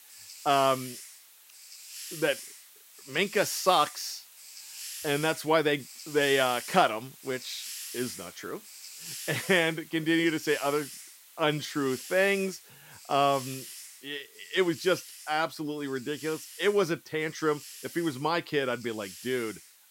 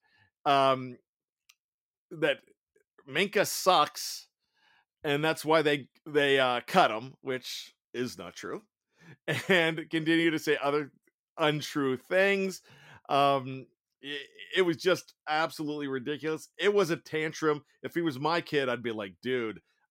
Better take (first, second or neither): second